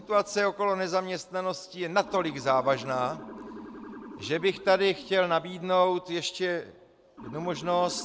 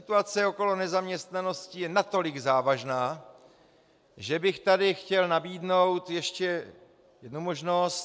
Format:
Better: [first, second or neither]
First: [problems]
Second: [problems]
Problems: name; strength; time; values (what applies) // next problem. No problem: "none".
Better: second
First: background sound (Motor vehicle (road) / Siren); 17 dB below the speech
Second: none